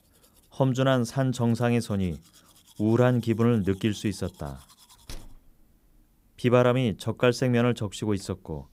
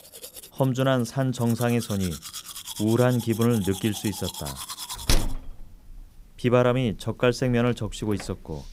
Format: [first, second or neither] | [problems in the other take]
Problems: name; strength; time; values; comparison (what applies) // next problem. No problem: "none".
first | household noises; loud; throughout; 9 dB below the speech; faint in the first